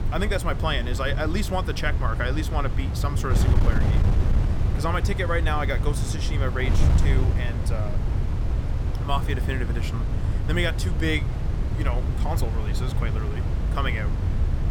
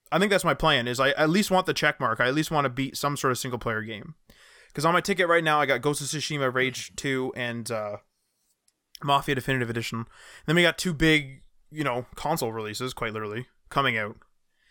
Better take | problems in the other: second | wind noise on the microphone; heavy; 7 dB below the speech

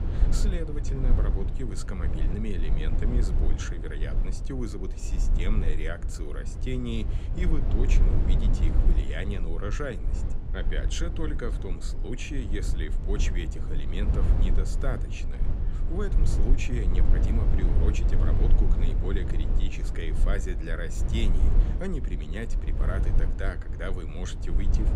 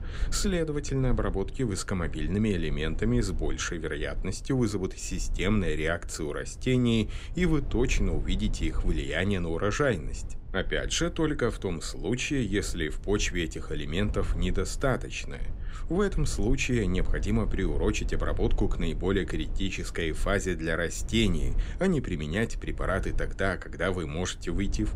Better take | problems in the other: second | low rumble; loud; throughout; 5 dB below the speech; faint in the second

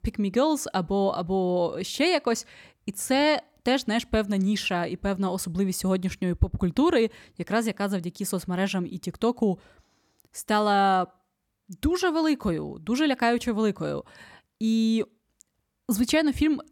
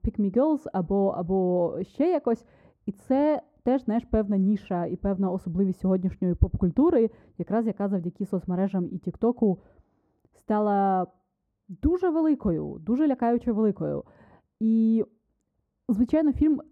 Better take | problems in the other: first | muffled; very; fading above 1.5 kHz

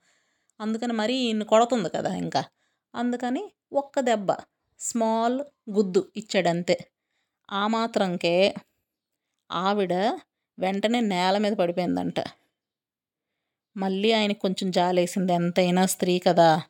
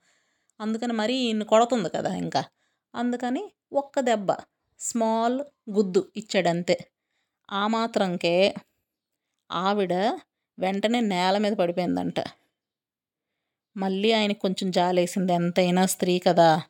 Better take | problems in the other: neither | none

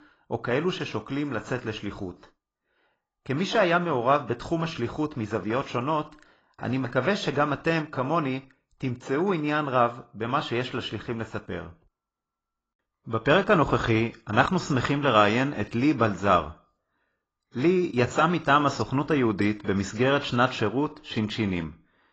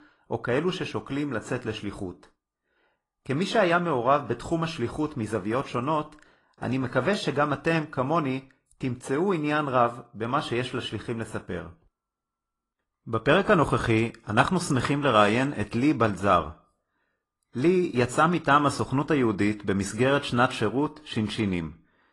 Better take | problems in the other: second | garbled, watery; badly; nothing above 7.5 kHz; slightly in the second

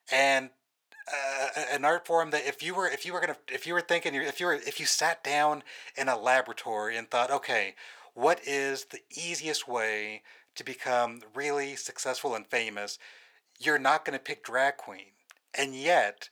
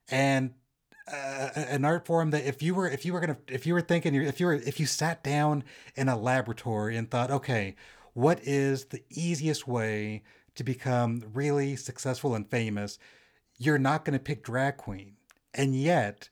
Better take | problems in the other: second | thin; very; fading below 650 Hz

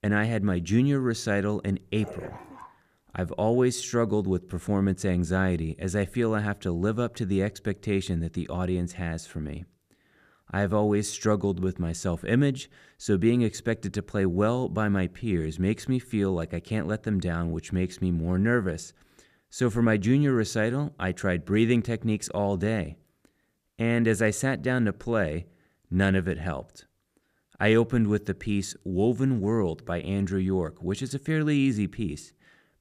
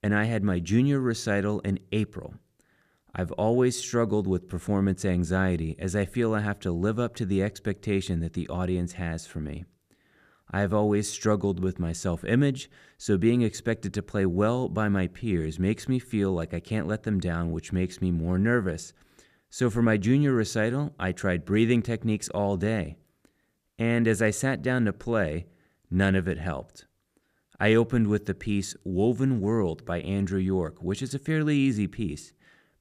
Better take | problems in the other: second | dog barking; faint; at 2 s; peak 15 dB below the speech

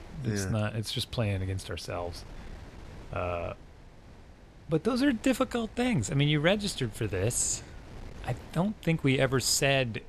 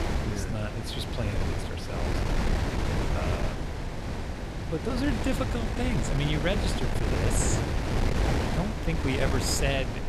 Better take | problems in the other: first | wind noise on the microphone; heavy; as loud as the speech; occasional gusts in the first

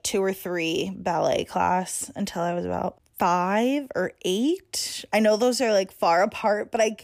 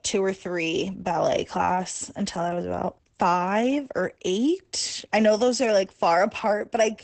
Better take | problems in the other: first | garbled, watery; badly; nothing above 8 kHz

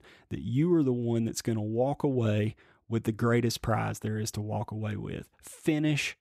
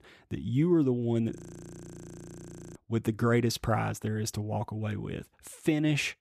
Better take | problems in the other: first | audio freezing; at 1.5 s for 1.5 s

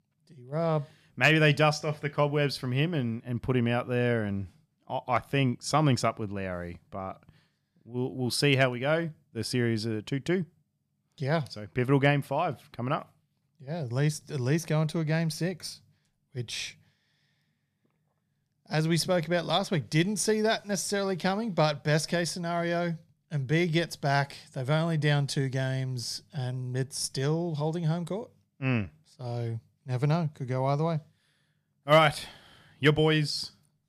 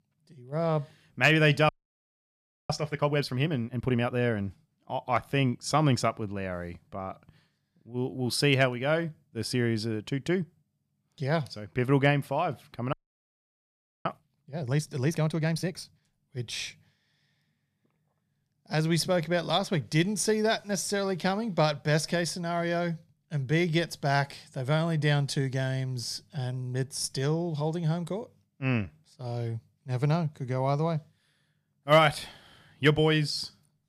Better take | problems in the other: first | audio freezing; at 1.5 s for 1 s and at 13 s for 1 s

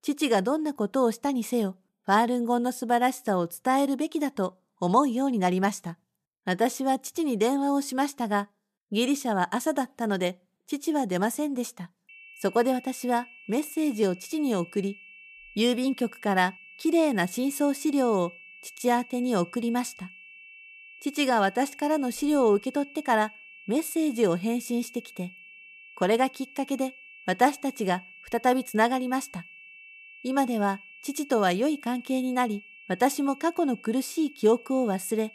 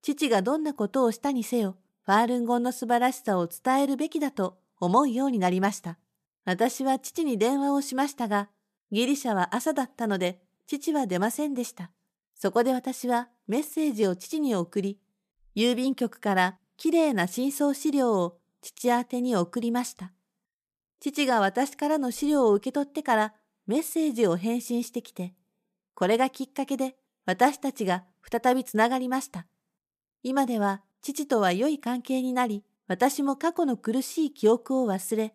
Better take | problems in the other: second | high-pitched whine; noticeable; from 12 s on; 2.5 kHz, 20 dB below the speech

